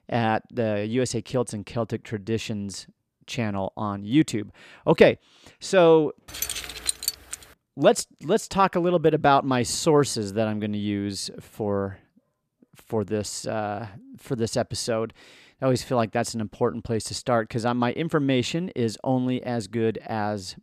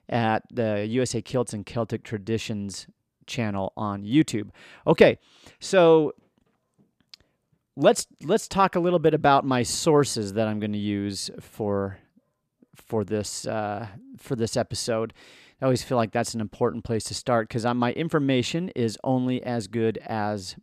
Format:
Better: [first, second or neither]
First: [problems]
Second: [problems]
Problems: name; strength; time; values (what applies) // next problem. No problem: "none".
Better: second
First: jangling keys; noticeable; from 6.5 to 7.5 s; peak 2 dB below the speech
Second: none